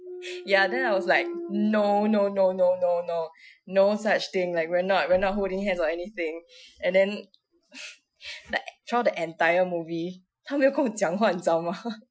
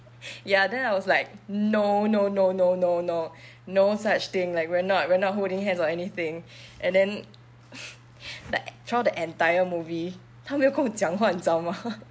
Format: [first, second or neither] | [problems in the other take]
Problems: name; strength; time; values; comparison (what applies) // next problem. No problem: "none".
second | noise reduction (classical method Wiener filter)